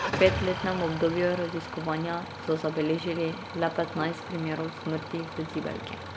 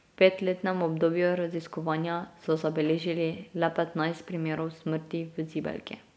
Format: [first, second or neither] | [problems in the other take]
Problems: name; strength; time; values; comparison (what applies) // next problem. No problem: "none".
second | background sound (Idling / Engine starting); 7 dB below the speech